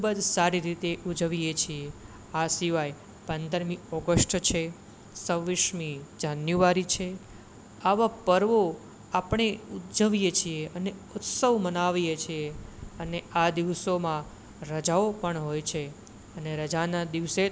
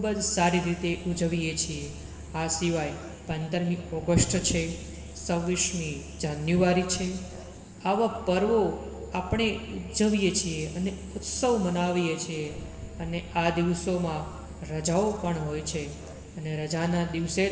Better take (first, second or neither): first